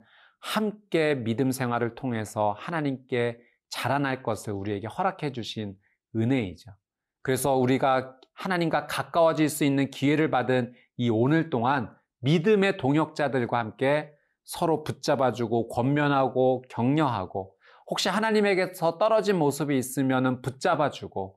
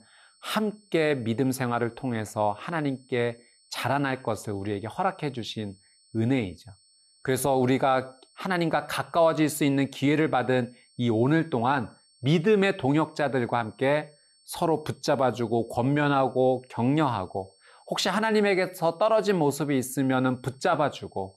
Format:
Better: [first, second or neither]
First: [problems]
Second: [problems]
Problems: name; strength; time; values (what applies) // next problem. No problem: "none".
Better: first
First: none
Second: high-pitched whine; faint; throughout; 4.5 kHz, 35 dB below the speech